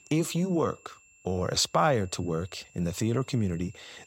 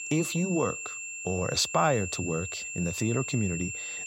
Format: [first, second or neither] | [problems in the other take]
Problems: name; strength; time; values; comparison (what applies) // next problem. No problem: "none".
first | high-pitched whine; loud; throughout; 2.5 kHz, 5 dB below the speech; faint in the first